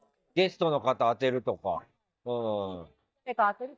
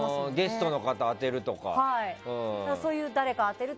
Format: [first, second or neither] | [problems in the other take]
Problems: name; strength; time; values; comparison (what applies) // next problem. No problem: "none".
second | noise reduction (neural mask model DeepFilterNet 3)